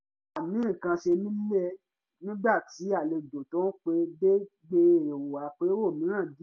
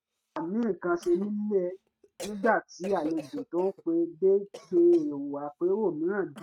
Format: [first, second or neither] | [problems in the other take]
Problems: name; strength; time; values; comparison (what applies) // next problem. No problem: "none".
first | noise reduction (neural mask model RNNoise)